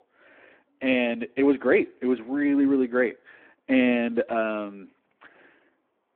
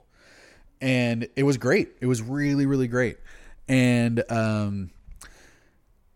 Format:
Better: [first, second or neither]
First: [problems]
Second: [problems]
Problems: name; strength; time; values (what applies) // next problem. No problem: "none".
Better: second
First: phone-call audio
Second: none